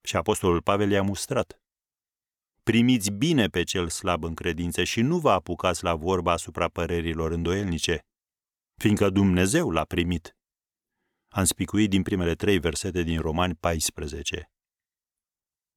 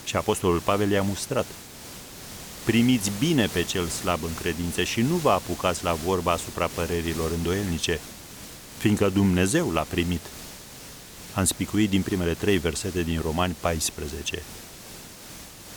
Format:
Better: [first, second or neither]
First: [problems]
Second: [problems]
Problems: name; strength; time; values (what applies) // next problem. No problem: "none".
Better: first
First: none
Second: hiss; noticeable; throughout; 15 dB below the speech